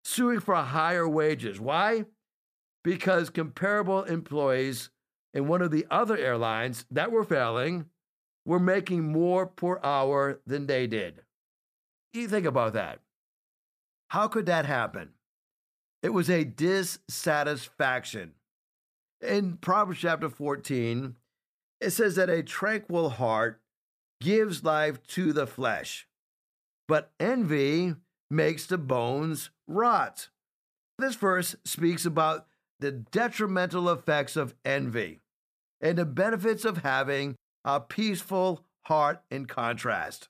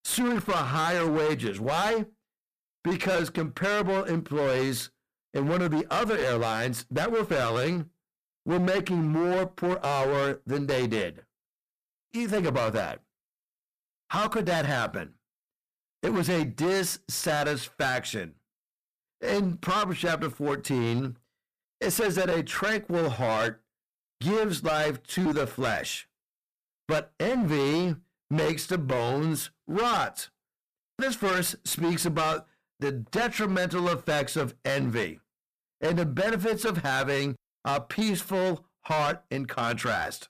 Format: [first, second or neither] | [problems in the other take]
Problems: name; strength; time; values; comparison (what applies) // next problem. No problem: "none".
first | distortion; heavy; 19% of the sound clipped